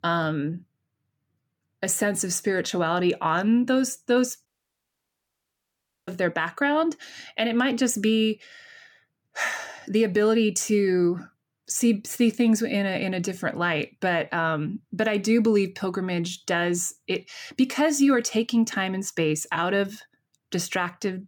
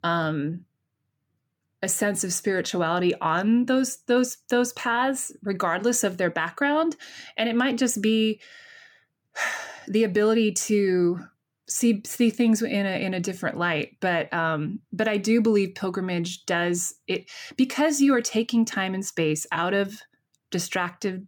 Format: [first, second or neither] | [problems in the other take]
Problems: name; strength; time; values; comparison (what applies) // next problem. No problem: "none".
second | audio cutting out; at 4.5 s for 1.5 s